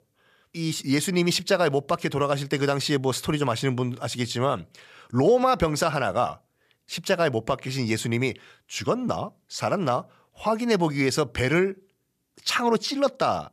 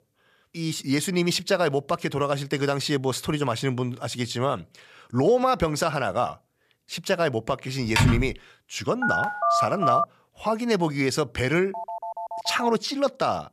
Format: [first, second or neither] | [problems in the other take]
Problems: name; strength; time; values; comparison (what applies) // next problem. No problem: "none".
first | keyboard typing; loud; at 8 s; peak 4 dB above the speech // phone ringing; loud; from 9 to 10 s; peak 3 dB above the speech // phone ringing; noticeable; at 12 s; peak 8 dB below the speech